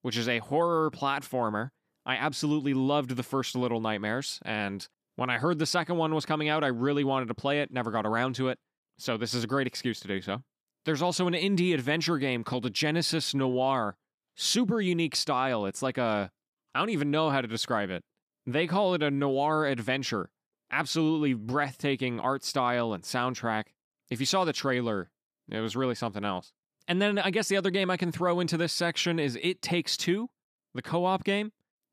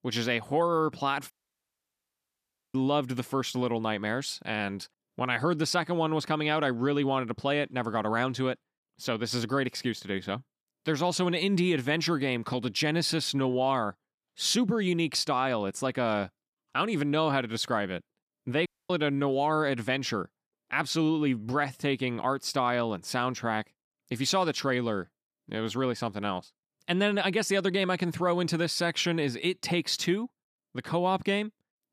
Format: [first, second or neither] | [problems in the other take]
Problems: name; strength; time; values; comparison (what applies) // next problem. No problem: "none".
first | audio cutting out; at 1.5 s for 1.5 s and at 19 s